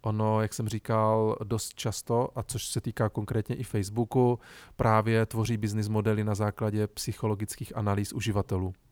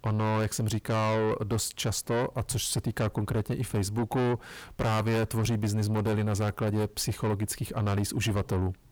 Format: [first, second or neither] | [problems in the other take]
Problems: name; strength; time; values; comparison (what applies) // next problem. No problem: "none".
first | distortion; heavy; 6 dB below the speech